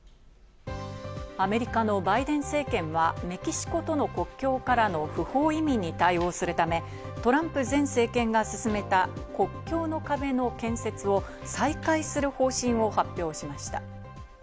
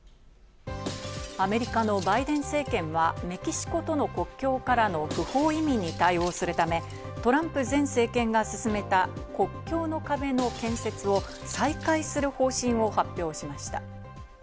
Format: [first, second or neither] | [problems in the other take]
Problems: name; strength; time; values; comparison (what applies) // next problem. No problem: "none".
first | background sound (Shatter); 19 dB below the speech